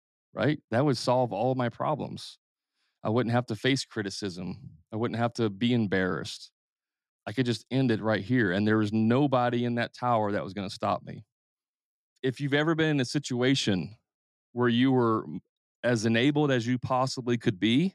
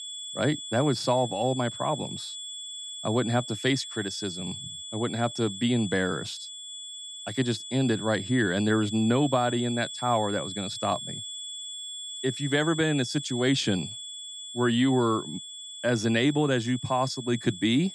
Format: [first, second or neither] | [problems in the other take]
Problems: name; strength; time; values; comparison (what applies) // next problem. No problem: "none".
first | high-pitched whine; loud; throughout; 3.5 kHz, 9 dB below the speech